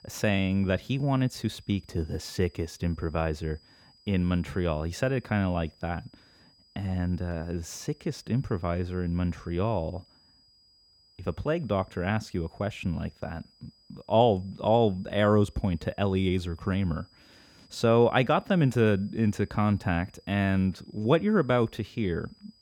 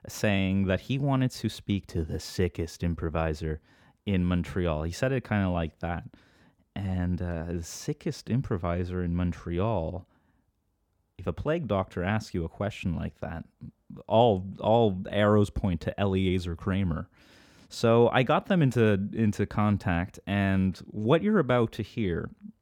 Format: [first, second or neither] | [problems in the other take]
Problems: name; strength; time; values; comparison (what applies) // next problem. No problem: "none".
second | high-pitched whine; faint; throughout; 5 kHz, 30 dB below the speech